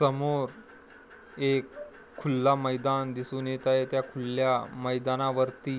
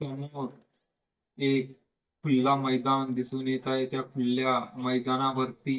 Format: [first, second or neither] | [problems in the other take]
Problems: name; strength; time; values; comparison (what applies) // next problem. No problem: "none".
first | noise reduction (neural mask model DeepFilterNet 3)